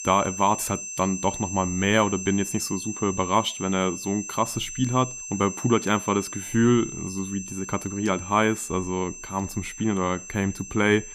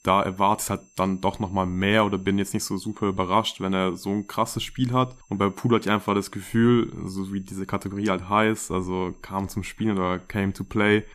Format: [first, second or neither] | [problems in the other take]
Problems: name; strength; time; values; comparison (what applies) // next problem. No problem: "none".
second | high-pitched whine; loud; throughout; 6 kHz, 9 dB below the speech; faint in the second